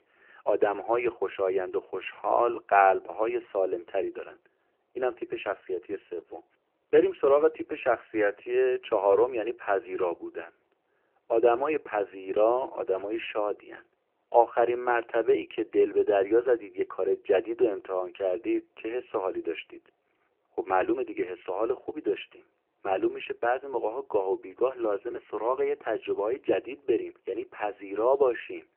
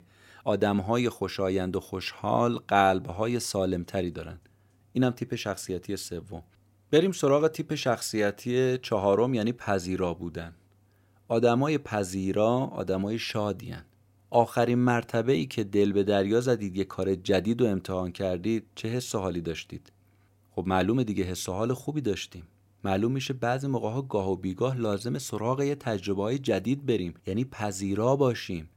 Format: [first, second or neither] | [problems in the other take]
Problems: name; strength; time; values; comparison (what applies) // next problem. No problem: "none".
second | phone-call audio; nothing above 3 kHz